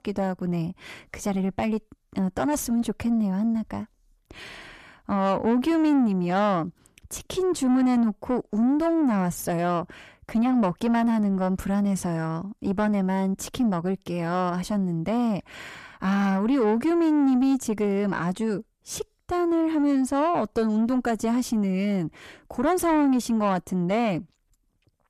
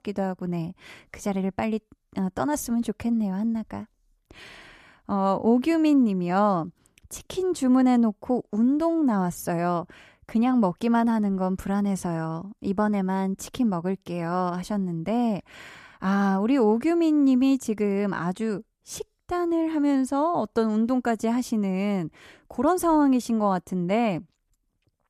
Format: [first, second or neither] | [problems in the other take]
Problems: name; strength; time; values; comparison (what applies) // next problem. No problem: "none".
second | distortion; slight; 10 dB below the speech